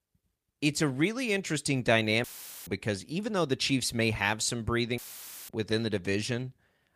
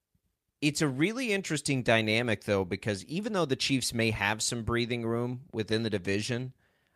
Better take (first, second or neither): second